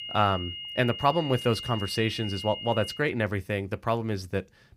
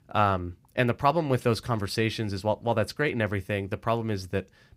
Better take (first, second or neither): second